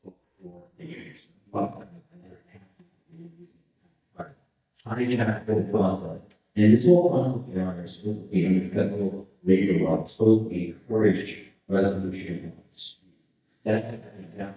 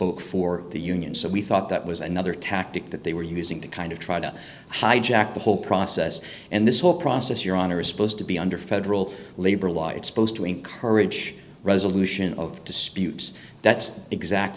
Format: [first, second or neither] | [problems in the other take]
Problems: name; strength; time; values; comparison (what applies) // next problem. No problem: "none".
second | noise reduction (neural mask model DeepFilterNet 3)